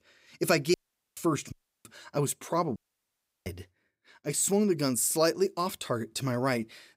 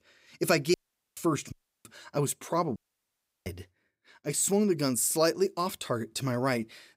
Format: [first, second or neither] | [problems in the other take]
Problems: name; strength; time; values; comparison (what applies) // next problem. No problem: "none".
neither | audio cutting out; at 0.5 s, at 1.5 s and at 3 s for 0.5 s; the same in both